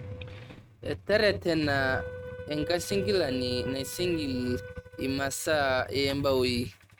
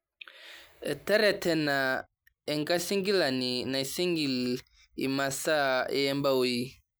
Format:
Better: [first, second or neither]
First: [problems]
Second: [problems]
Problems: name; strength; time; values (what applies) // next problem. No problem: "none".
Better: second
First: noise reduction (neural mask model RNNoise)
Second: none